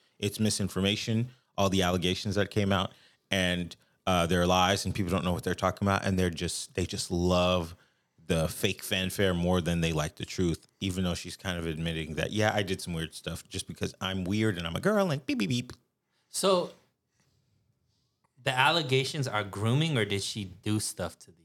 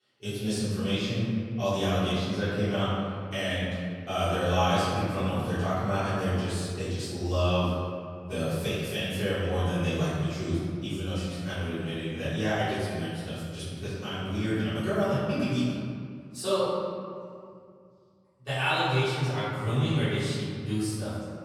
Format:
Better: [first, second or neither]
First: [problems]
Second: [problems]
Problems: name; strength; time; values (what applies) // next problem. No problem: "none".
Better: first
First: none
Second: off-mic speech; far // room echo; strong; dies away in 2.1 s